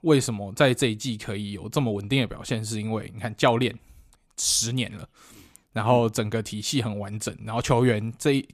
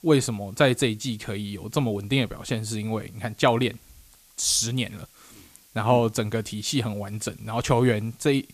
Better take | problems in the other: first | hiss; faint; throughout; 30 dB below the speech

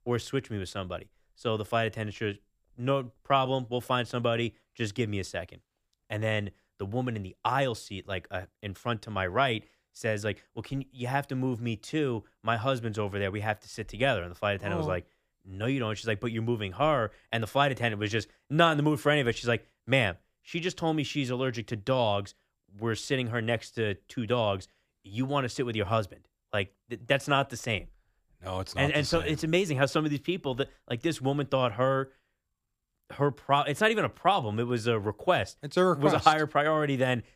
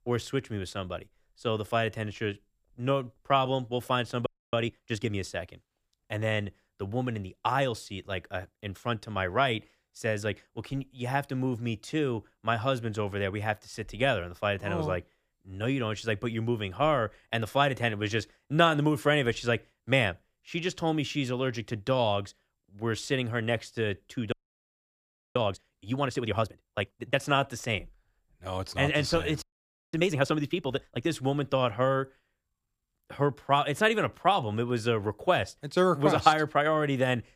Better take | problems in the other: first | audio freezing; at 4.5 s, at 24 s for 1 s and at 29 s for 0.5 s

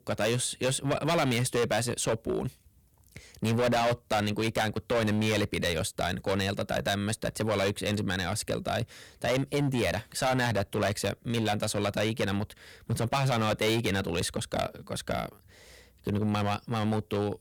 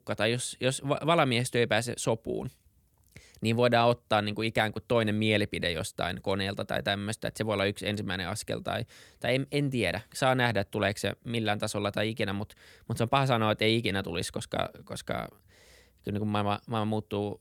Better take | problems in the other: second | distortion; heavy; 10% of the sound clipped

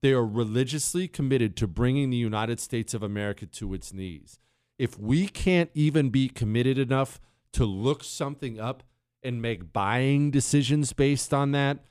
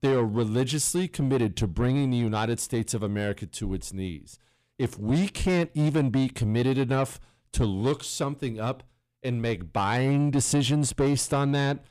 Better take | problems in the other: first | distortion; slight; 10 dB below the speech

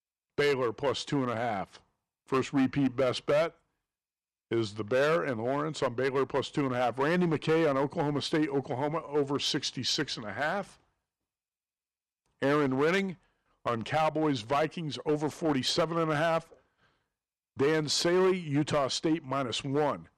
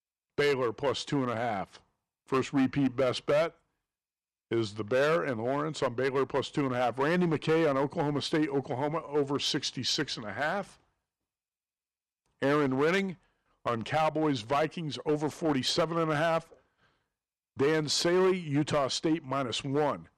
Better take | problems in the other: neither | distortion; slight; 6% of the sound clipped; the same in both

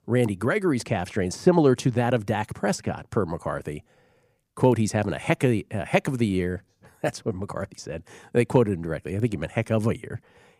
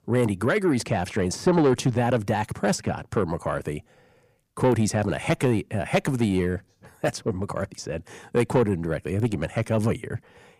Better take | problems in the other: first | distortion; slight; 10 dB below the speech

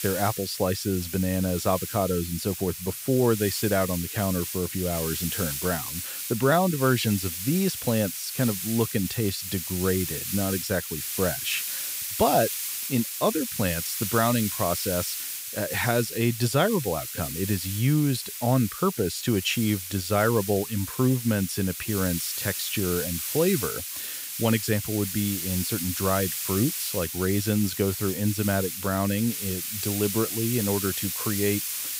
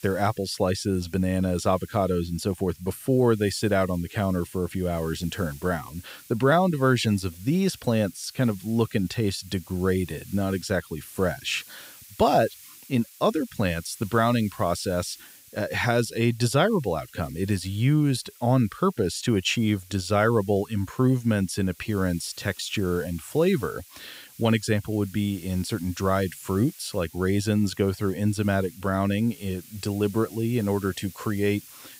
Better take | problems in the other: second | hiss; loud; throughout; 4 dB below the speech; faint in the second

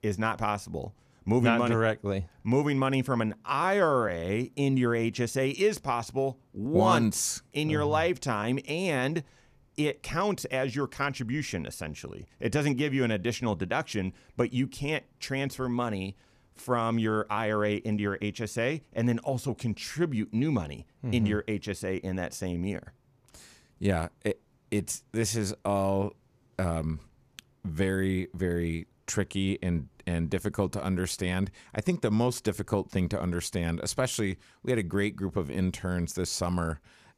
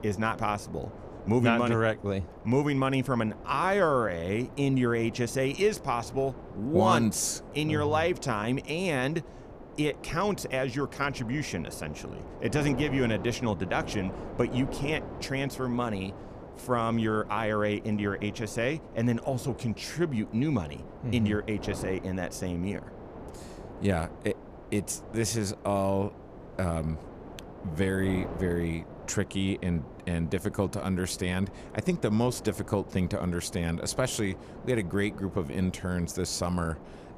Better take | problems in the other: first | wind noise on the microphone; occasional gusts; 15 dB below the speech

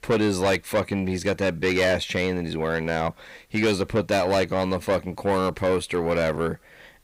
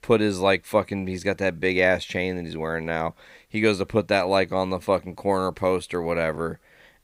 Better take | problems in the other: second | distortion; heavy; 8 dB below the speech

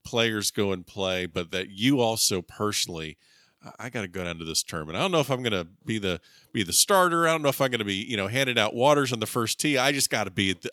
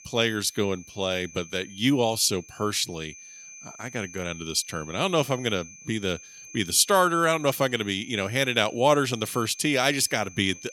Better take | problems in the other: first | high-pitched whine; noticeable; throughout; 6 kHz, 20 dB below the speech

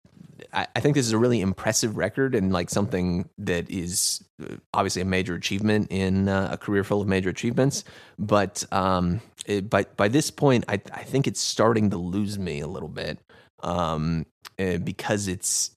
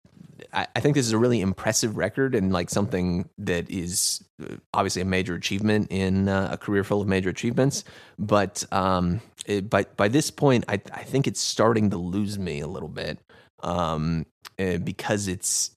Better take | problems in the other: neither | none

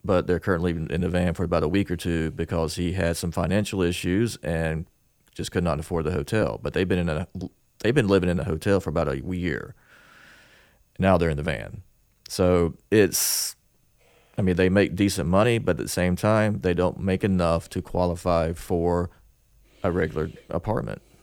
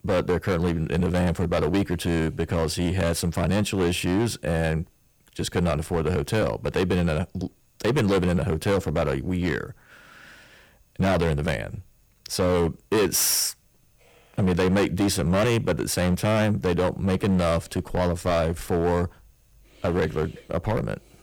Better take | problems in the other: first | distortion; heavy; 10% of the sound clipped

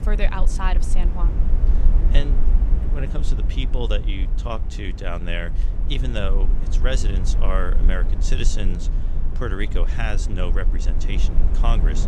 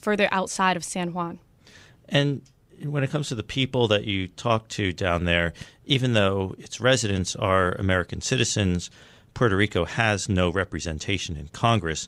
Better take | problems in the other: second | low rumble; loud; throughout; 9 dB below the speech

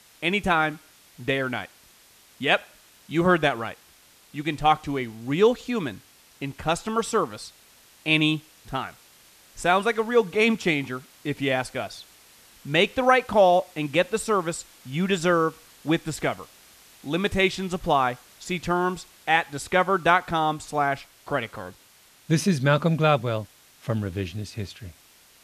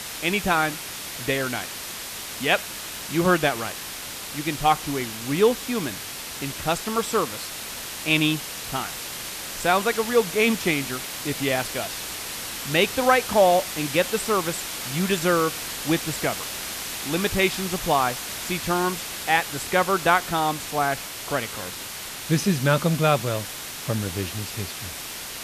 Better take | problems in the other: first | hiss; loud; throughout; 7 dB below the speech; faint in the first

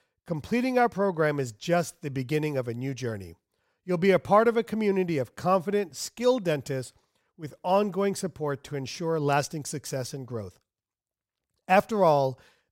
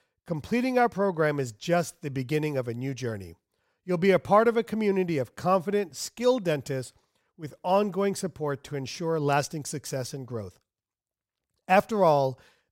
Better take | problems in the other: neither | none

